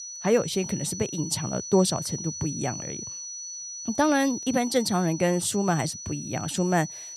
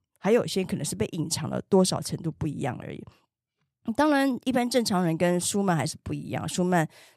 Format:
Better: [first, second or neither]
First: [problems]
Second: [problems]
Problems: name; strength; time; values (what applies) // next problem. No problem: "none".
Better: second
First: high-pitched whine; loud; throughout; 6 kHz, 9 dB below the speech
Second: none